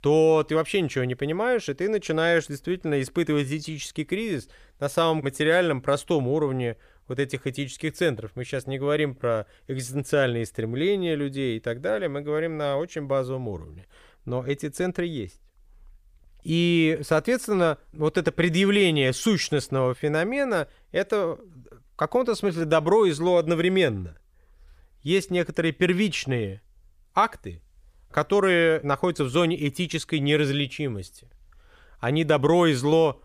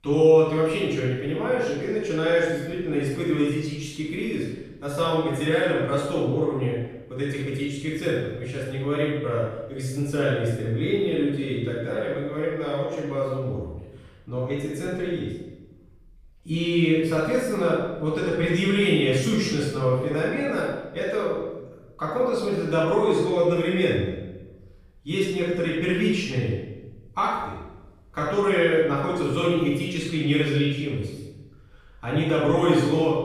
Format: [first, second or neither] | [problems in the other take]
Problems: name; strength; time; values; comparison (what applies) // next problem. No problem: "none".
first | off-mic speech; far // room echo; strong; dies away in 0.9 s